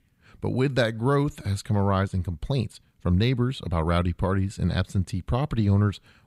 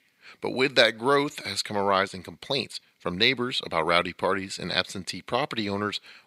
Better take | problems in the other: first | thin; somewhat; fading below 400 Hz

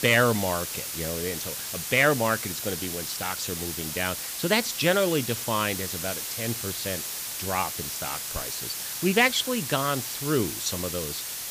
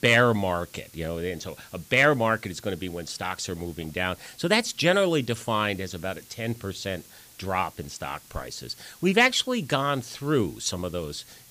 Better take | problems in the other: second | hiss; loud; throughout; 3 dB below the speech; faint in the second

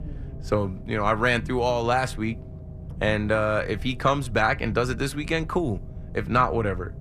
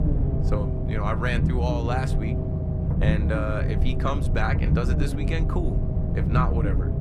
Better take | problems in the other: first | low rumble; loud; throughout; 5 dB below the speech; faint in the first

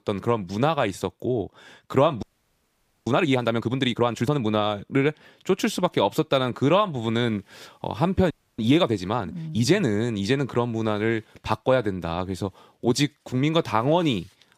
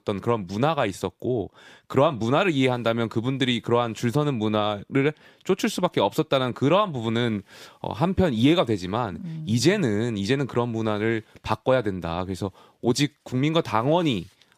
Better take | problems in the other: second | audio freezing; at 2 s for 1 s and at 8.5 s

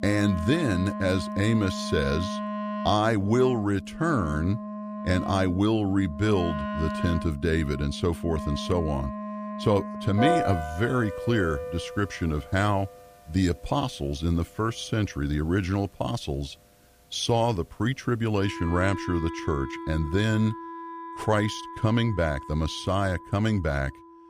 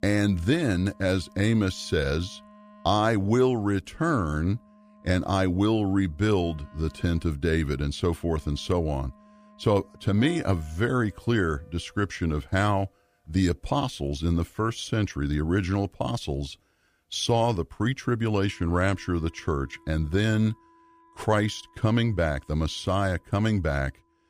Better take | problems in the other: second | background music; loud; throughout; 8 dB below the speech; faint in the second

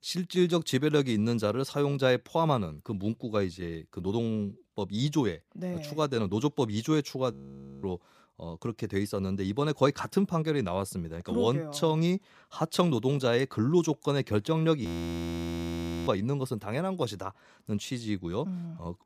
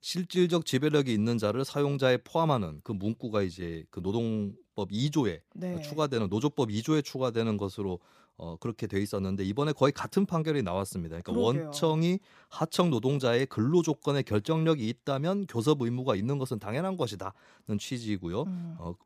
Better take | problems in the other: second | audio freezing; at 7.5 s for 0.5 s and at 15 s for 1 s

